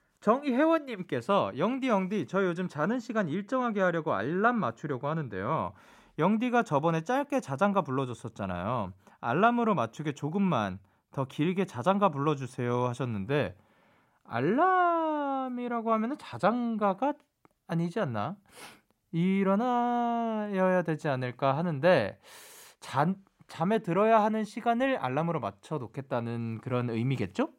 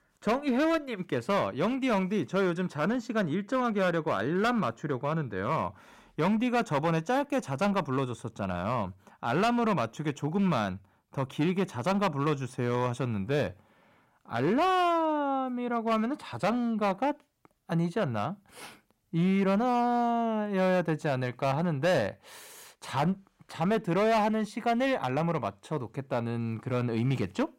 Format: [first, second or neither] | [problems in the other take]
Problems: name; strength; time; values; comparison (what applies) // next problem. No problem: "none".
first | distortion; slight; 8% of the sound clipped